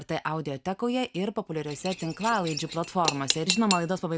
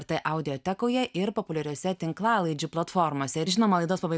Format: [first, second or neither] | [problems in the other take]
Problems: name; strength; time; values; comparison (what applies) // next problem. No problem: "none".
second | background sound (Cutlery, silverware / Dishes, pots, and pans); 5 dB below the speech